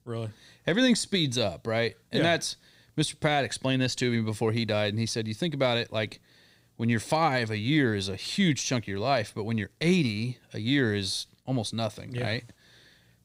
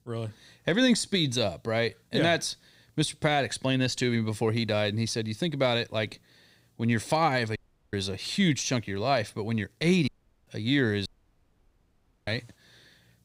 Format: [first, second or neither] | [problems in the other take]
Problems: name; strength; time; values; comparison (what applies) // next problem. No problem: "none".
first | audio cutting out; at 7.5 s, at 10 s and at 11 s for 1 s